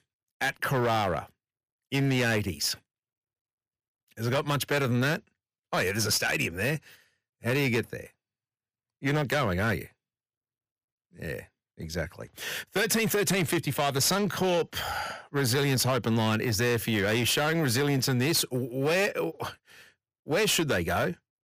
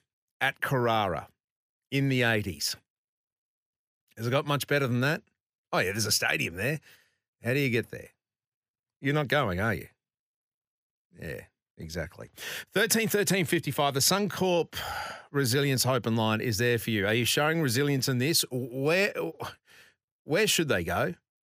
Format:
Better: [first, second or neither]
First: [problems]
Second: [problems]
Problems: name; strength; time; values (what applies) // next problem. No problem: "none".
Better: second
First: distortion; slight; 9% of the sound clipped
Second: none